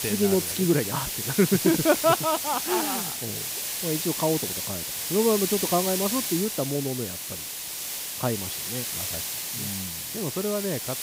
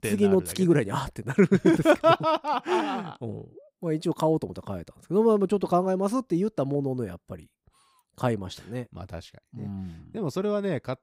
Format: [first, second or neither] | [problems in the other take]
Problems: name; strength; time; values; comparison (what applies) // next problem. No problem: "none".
second | hiss; loud; throughout; 2 dB below the speech